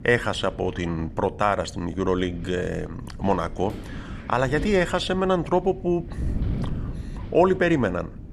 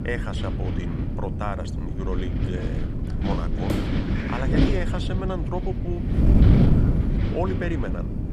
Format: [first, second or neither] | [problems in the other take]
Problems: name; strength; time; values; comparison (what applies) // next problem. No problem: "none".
first | wind noise on the microphone; heavy; 1 dB above the speech; occasional gusts in the first